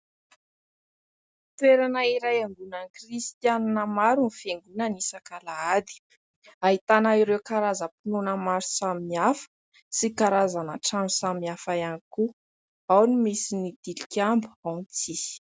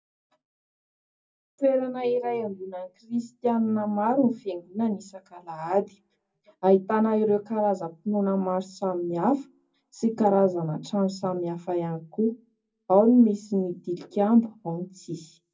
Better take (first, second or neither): first